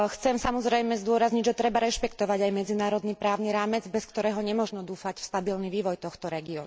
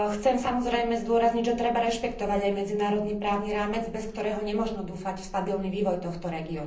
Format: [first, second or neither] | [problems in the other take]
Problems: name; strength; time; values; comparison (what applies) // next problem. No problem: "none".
first | background sound (Bark); 17 dB below the speech // room echo; dies away in 0.6 s